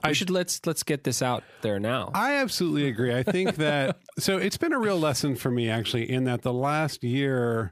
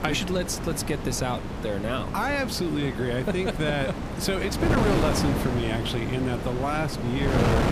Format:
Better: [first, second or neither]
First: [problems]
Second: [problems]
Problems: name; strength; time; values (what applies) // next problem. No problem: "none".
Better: first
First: none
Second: wind noise on the microphone; heavy; 3 dB below the speech